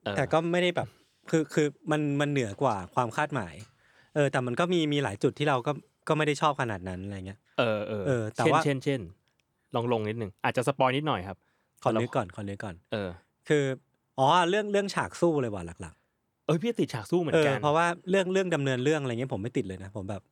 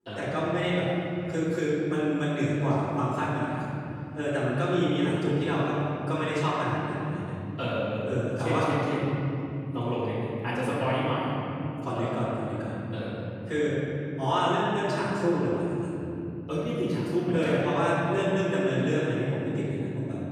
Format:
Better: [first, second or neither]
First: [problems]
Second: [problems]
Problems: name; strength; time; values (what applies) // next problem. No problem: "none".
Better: first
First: none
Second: off-mic speech; far // room echo; strong; dies away in 3 s